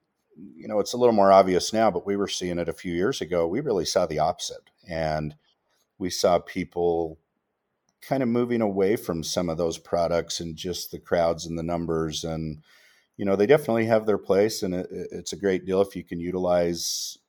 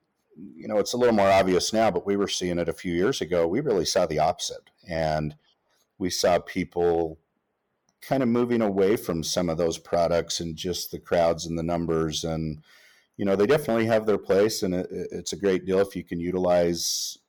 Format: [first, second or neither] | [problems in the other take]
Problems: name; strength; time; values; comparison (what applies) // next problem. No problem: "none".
first | distortion; slight; 3% of the sound clipped